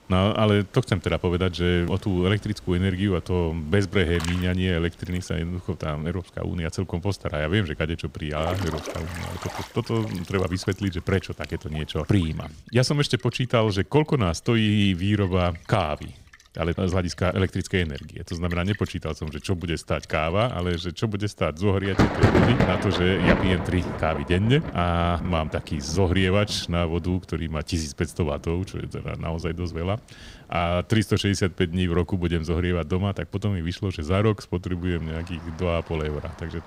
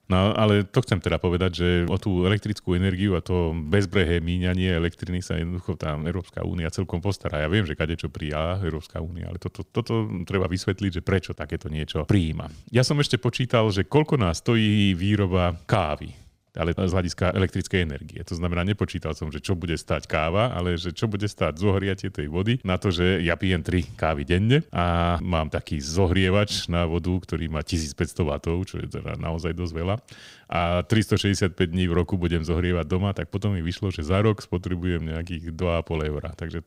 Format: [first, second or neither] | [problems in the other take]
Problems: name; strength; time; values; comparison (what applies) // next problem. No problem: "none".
second | rain or running water; loud; throughout; 4 dB below the speech